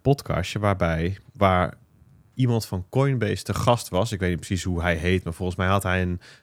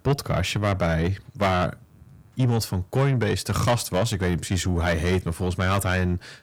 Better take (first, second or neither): first